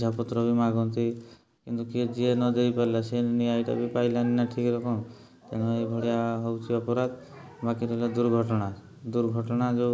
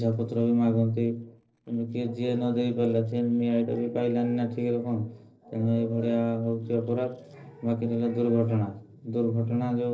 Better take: first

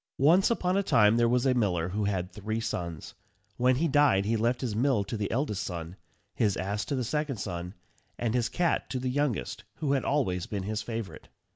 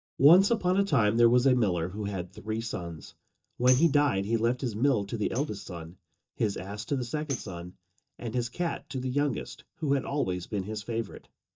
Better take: first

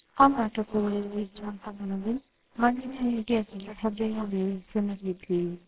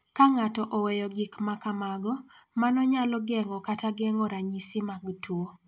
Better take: second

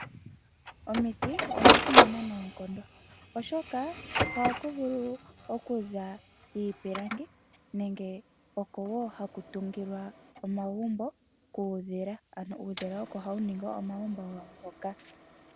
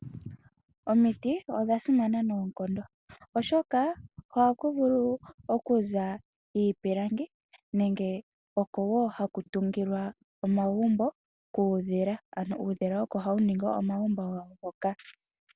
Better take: second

